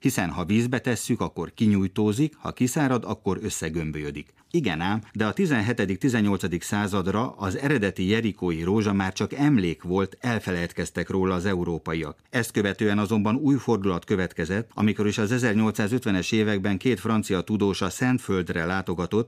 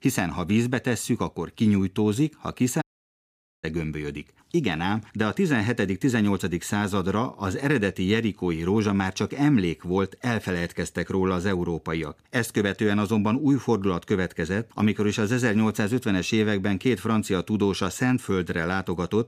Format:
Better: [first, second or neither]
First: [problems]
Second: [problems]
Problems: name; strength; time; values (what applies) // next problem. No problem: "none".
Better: first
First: none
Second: audio cutting out; at 3 s for 1 s